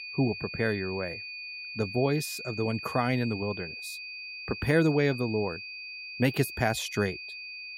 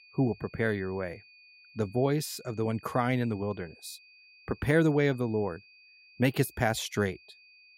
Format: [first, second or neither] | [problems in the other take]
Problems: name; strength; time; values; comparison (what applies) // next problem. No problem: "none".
second | high-pitched whine; loud; throughout; 2.5 kHz, 9 dB below the speech; faint in the second